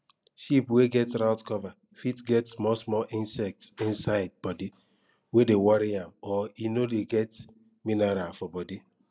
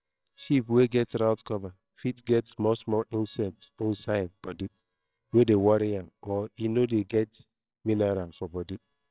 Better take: first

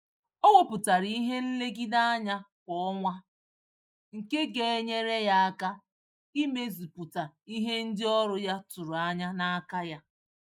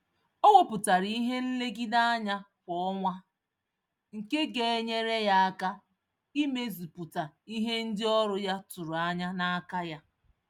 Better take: second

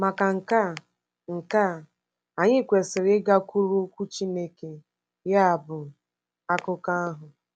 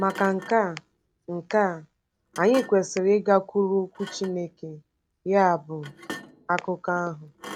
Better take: first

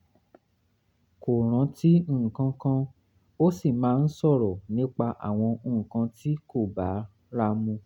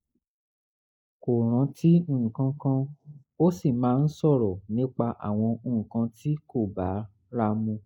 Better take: first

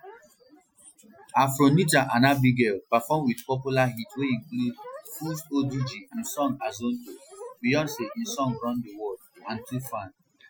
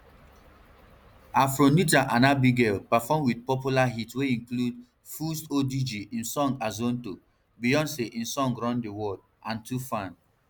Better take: second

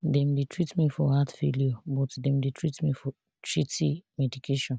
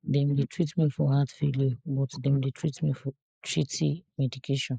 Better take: first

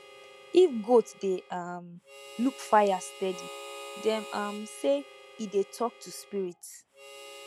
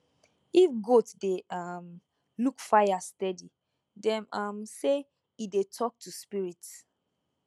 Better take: second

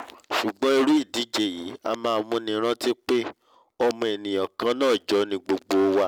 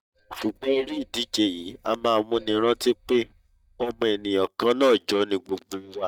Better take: first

